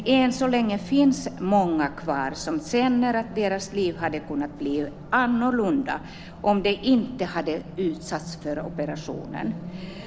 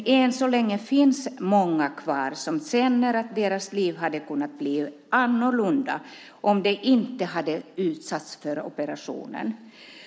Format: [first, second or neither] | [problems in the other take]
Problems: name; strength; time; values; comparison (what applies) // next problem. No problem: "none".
second | background sound (Race car, auto racing); 14 dB below the speech